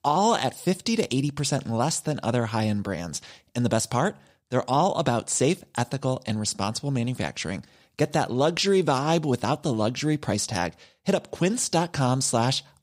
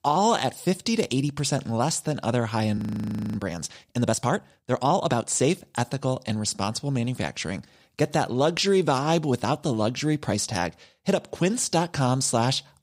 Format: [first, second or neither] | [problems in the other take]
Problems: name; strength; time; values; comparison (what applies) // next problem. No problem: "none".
first | audio freezing; at 3 s for 0.5 s